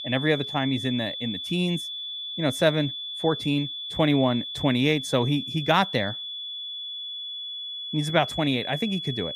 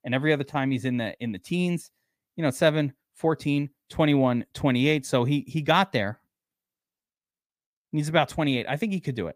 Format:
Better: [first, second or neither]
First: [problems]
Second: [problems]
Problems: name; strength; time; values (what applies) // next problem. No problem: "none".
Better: second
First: high-pitched whine; loud; throughout; 3.5 kHz, 6 dB below the speech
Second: none